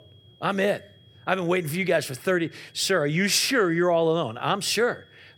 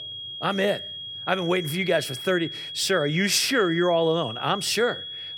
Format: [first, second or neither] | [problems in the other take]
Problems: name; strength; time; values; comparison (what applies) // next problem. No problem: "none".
first | high-pitched whine; loud; throughout; 3.5 kHz, 9 dB below the speech; faint in the first